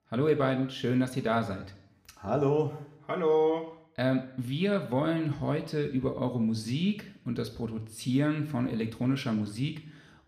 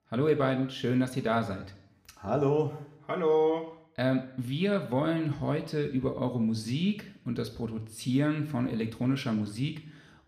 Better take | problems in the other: neither | room echo; very slight; dies away in 0.7 s; the same in both

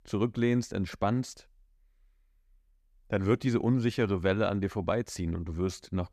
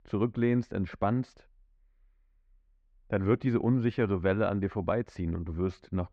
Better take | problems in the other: first | muffled; very; fading above 2.5 kHz

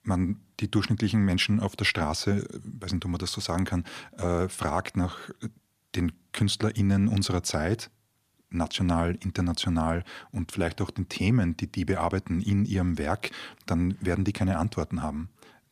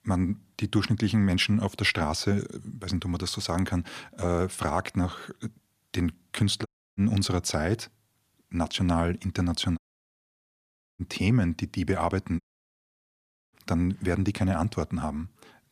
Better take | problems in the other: first | audio cutting out; at 6.5 s, at 10 s for 1 s and at 12 s for 1 s

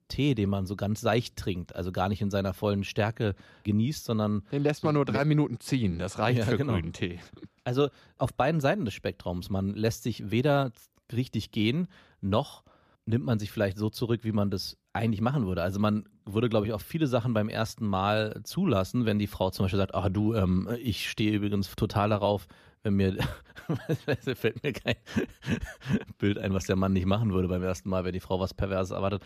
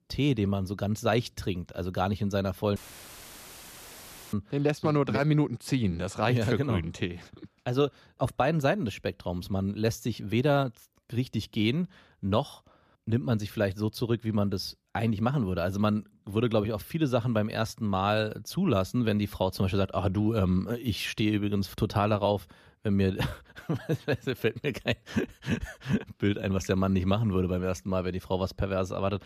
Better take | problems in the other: first | audio cutting out; filled with static; at 3 s for 1.5 s

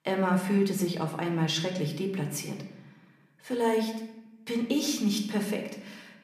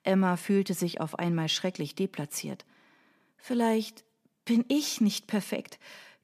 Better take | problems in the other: second | room echo; slight; dies away in 0.8 s

